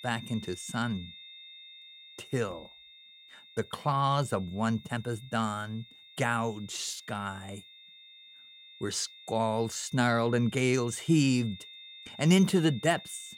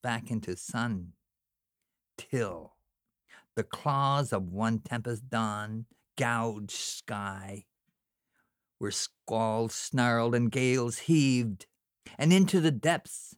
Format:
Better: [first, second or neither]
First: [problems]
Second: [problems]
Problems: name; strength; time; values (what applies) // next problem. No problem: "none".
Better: second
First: high-pitched whine; noticeable; throughout; 3.5 kHz, 20 dB below the speech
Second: none